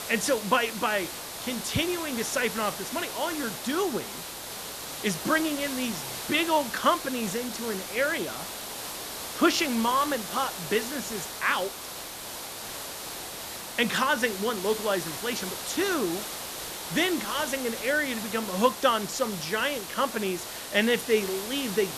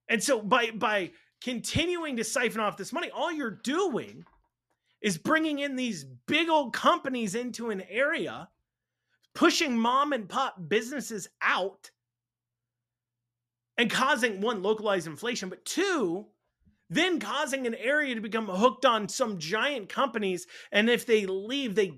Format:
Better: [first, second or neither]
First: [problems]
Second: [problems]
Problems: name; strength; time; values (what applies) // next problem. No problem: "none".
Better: second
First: hiss; loud; throughout; 7 dB below the speech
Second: none